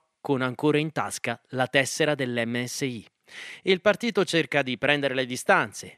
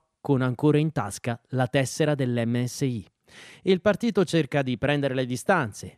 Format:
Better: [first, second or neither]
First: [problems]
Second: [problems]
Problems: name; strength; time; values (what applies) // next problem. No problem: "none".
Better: second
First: thin; very slightly; fading below 750 Hz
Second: none